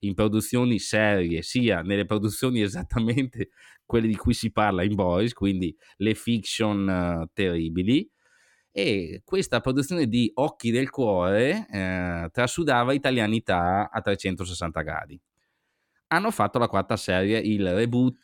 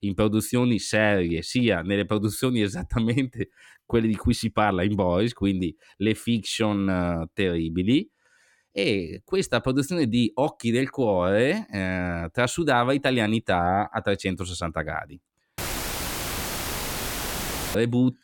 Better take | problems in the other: first | audio cutting out; filled with static; at 16 s for 2 s

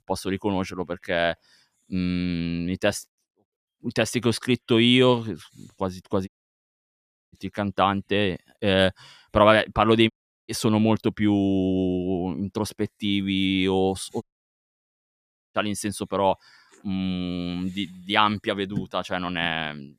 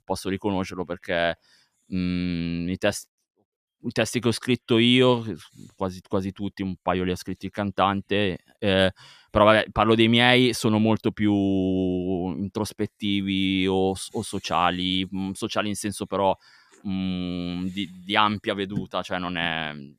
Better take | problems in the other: second | audio cutting out; at 6.5 s for 1 s, at 10 s and at 14 s for 1.5 s

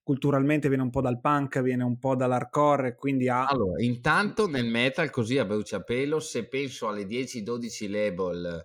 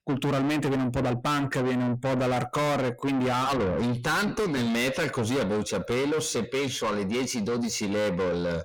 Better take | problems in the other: first | distortion; heavy; 6 dB below the speech

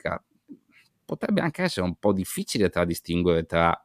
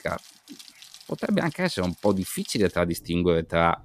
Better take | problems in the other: first | rain or running water; faint; throughout; 20 dB below the speech

